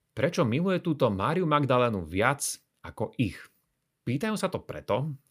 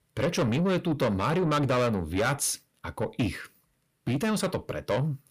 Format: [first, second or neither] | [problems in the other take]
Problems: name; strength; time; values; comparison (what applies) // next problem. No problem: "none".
first | distortion; heavy; 8 dB below the speech